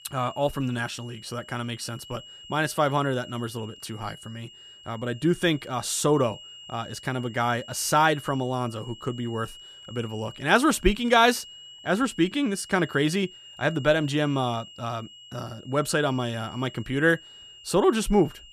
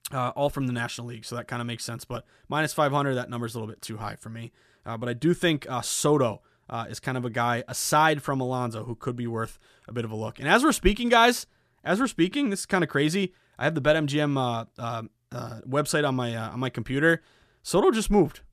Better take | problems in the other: second | high-pitched whine; noticeable; throughout; 3 kHz, 20 dB below the speech

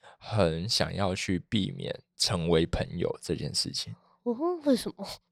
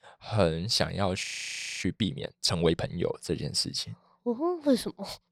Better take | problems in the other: first | audio freezing; at 1 s for 0.5 s

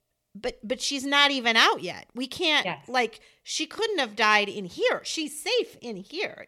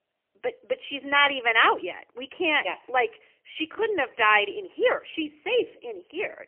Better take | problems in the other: first | phone-call audio; poor line; nothing above 3 kHz

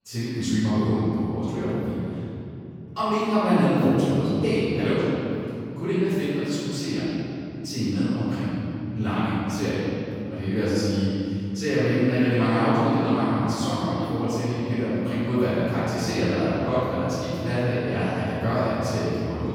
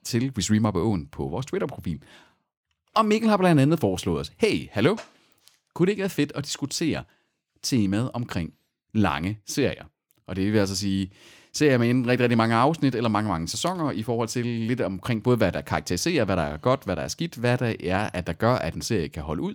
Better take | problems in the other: second | off-mic speech; far // room echo; strong; dies away in 3 s

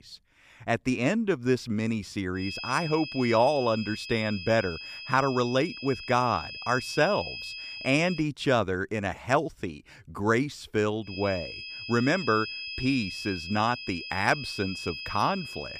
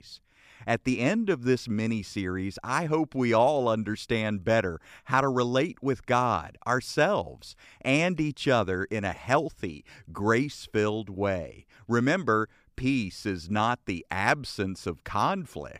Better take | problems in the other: second | high-pitched whine; loud; from 2.5 to 8 s and from 11 s on; 2.5 kHz, 9 dB below the speech

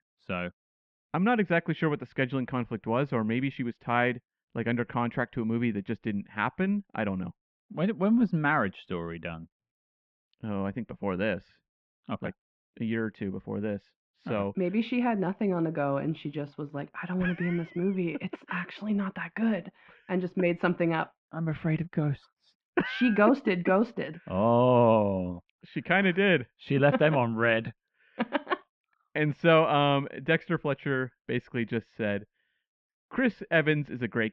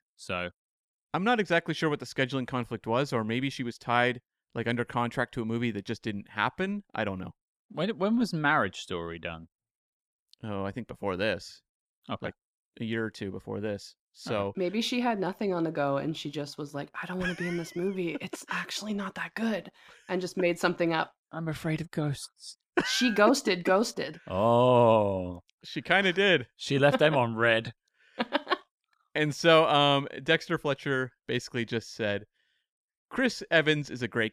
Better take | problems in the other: second | muffled; very; fading above 2.5 kHz

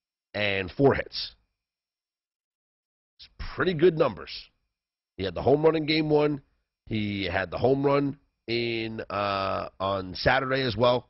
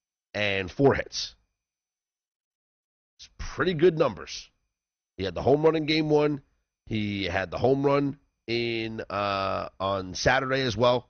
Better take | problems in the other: second | garbled, watery; badly; nothing above 5.5 kHz; slightly in the second

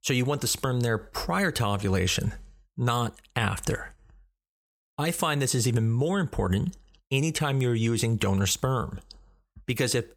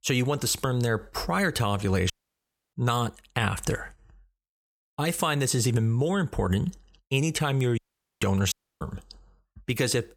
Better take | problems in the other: first | audio cutting out; at 2 s for 0.5 s, at 8 s and at 8.5 s

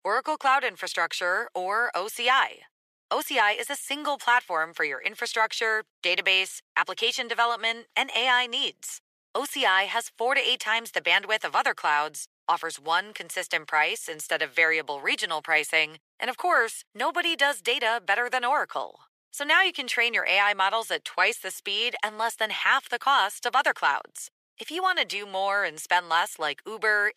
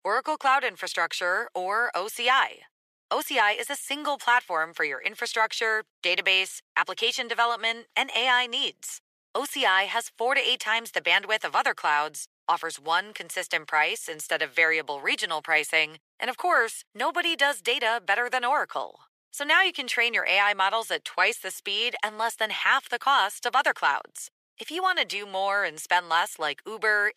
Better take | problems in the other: neither | thin; very; fading below 500 Hz; the same in both

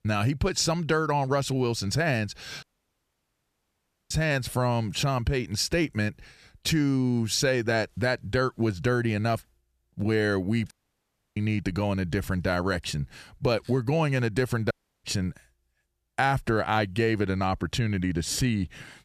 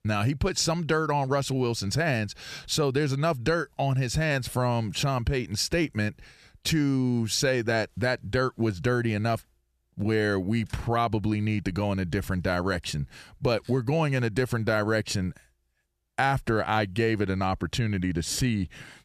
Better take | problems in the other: second | audio cutting out; at 2.5 s for 1.5 s, at 11 s for 0.5 s and at 15 s

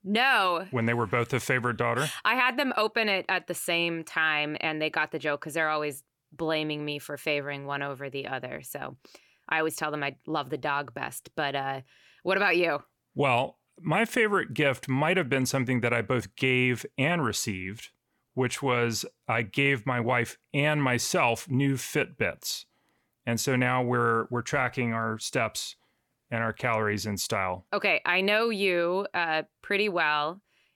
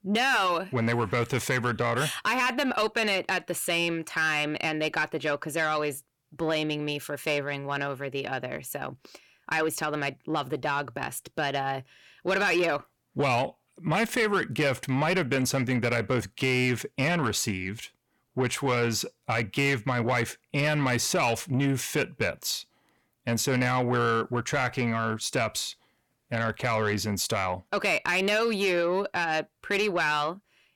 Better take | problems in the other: first | distortion; slight; 10 dB below the speech

